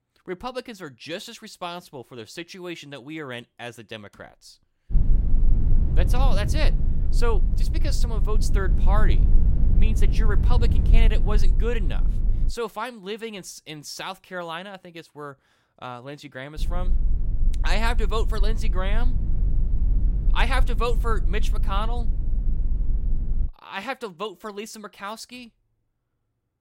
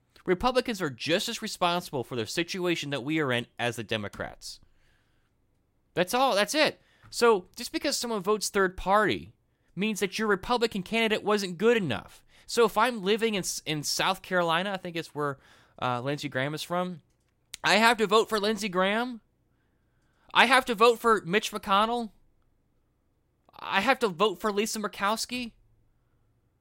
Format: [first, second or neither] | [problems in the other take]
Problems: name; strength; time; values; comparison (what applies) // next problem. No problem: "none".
second | low rumble; noticeable; from 5 to 12 s and from 17 to 23 s; 10 dB below the speech